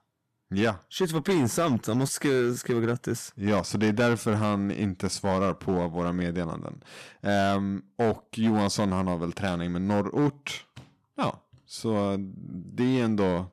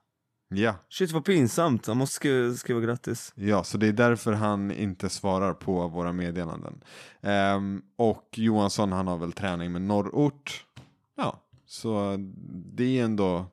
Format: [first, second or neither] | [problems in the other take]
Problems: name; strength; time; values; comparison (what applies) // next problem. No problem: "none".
second | distortion; slight; 6% of the sound clipped